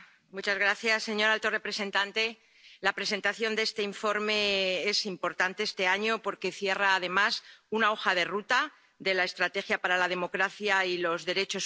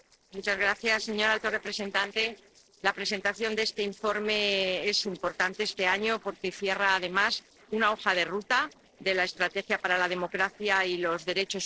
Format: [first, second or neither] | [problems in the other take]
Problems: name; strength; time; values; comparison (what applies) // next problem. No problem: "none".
first | noise reduction (neural separator model SepFormer DNS4)